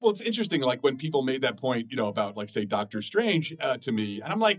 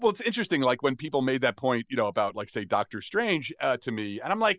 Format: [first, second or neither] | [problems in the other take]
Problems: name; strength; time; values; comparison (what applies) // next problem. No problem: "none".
second | noise reduction (neural mask model DeepFilterNet 3)